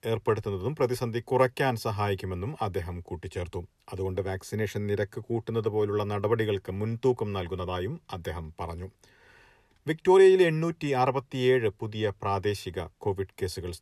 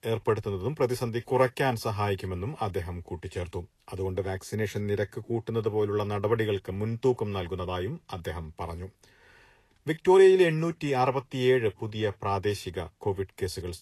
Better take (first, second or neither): first